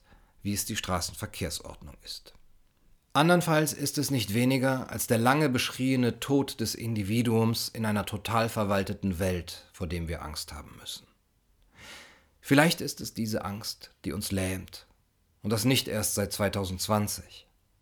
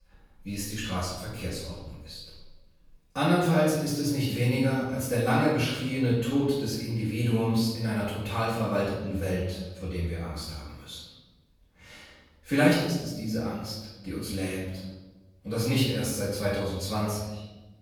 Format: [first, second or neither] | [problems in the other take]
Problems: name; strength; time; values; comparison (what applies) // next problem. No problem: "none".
first | off-mic speech; far // room echo; noticeable; dies away in 1.1 s